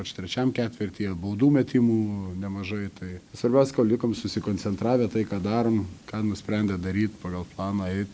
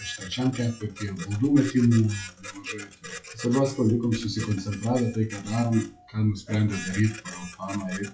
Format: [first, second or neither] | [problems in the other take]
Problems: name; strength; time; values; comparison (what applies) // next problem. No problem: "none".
first | noise reduction (classical method WPE with log-MMSE)